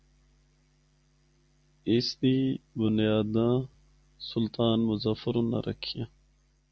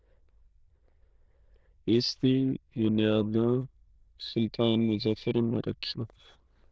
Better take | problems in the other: first | noise reduction (neural diffusion model UNIVERSE++)

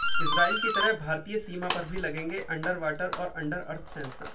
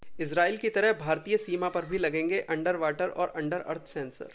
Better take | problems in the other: second | background sound (Doorbell); 5 dB below the speech // room echo; dies away in 0.2 s

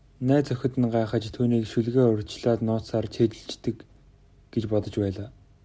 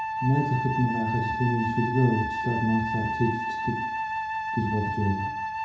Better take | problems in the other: first | background sound (Wind instrument, woodwind instrument); 3 dB below the speech // room echo; dies away in 0.5 s

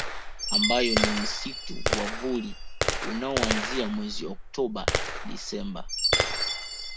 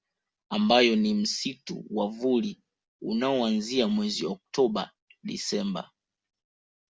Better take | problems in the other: second | background sound (Gunshot, gunfire + Chime); 3 dB above the speech

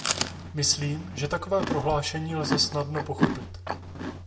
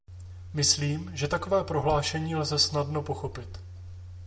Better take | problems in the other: second | background sound (Chewing, mastication); 3 dB below the speech

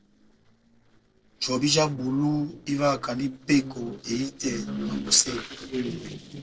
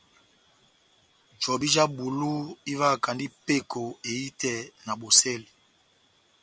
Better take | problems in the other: second | noise reduction (neural separator model SepFormer DNS4)

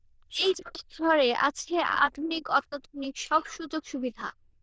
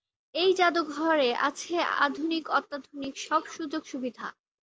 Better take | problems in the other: second | noise reduction (neural diffusion model UNIVERSE++)

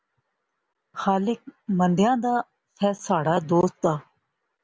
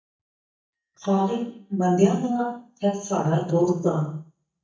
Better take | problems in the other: first | noise reduction (neural mask model DeepFilterNet 3)

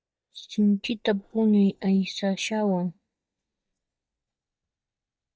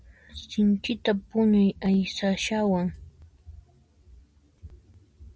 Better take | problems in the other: second | noise reduction (neural mask model DeepFilterNet 3)

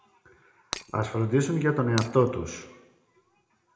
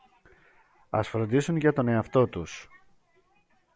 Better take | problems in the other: second | background sound (Shatter); 11 dB below the speech // room echo; dies away in 0.6 s

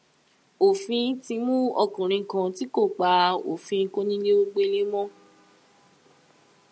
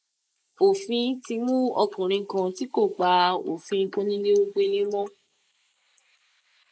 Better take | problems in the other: first | noise reduction (neural mask model Resemble Enhance denoiser)

